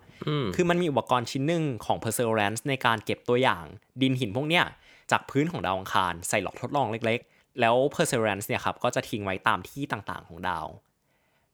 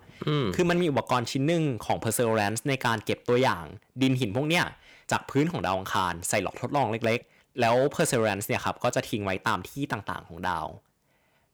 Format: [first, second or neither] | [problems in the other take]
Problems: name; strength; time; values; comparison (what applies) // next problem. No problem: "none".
first | distortion; slight; 4% of the sound clipped